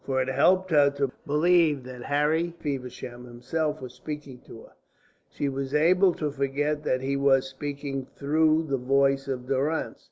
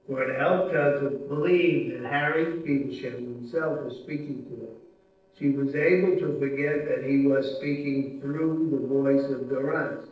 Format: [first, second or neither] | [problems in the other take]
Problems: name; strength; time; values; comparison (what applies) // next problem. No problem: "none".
first | noise reduction (neural separator model SepFormer DNS4)